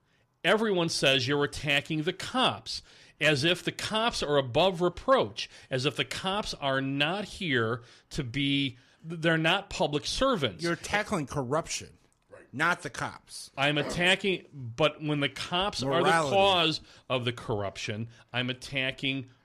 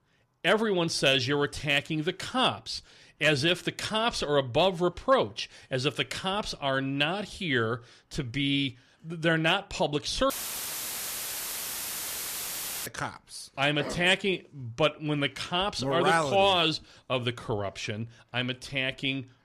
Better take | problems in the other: first | audio cutting out; filled with static; at 10 s for 2.5 s

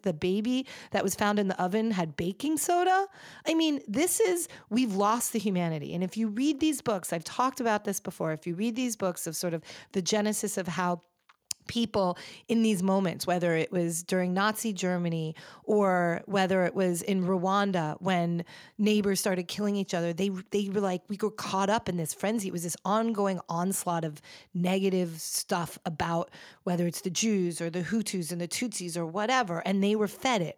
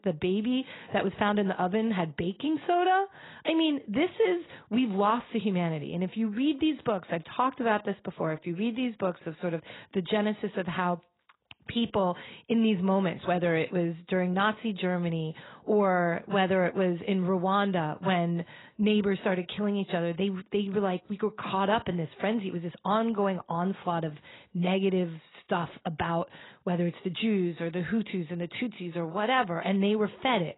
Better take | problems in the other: first | garbled, watery; badly; nothing above 4 kHz

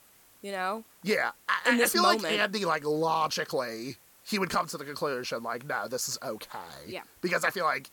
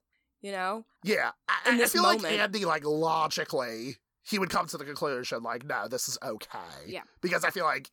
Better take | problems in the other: second | hiss; faint; throughout; 25 dB below the speech

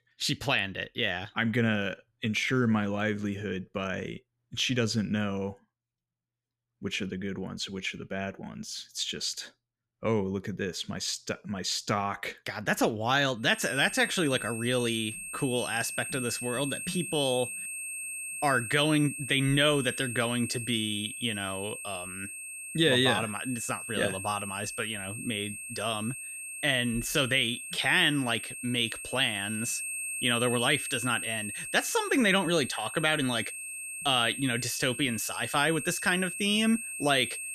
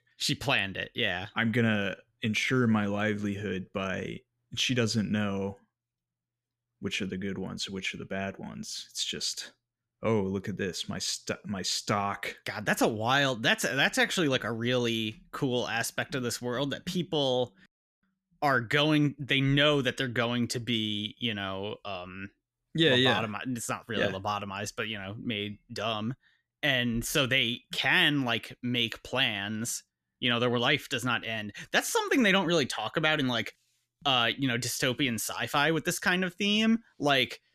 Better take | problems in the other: second | high-pitched whine; loud; from 14 s on; 2.5 kHz, 7 dB below the speech

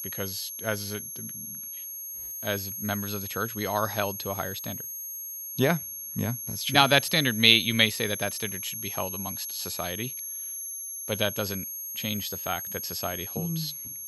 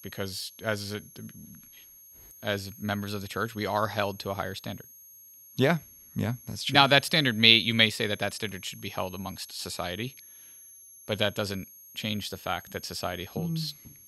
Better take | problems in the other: second | high-pitched whine; loud; throughout; 11.5 kHz, 6 dB below the speech; faint in the second

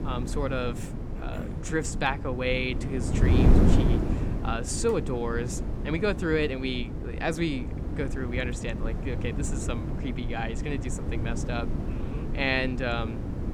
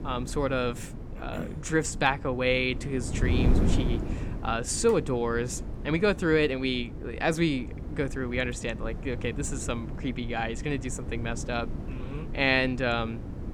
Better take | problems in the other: second | wind noise on the microphone; heavy; 6 dB below the speech; occasional gusts in the second

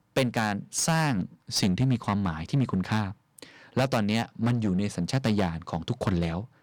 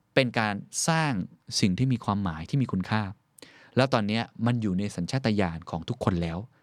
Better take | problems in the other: second | distortion; slight; 8% of the sound clipped

